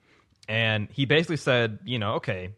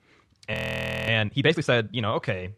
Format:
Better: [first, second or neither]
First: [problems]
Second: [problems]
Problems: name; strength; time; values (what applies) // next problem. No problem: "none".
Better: first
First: none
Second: audio freezing; at 0.5 s for 0.5 s